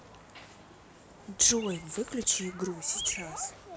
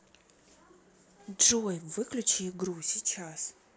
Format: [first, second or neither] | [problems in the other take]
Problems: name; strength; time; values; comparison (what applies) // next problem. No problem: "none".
second | background sound (Bird vocalization, bird call, bird song); 12 dB below the speech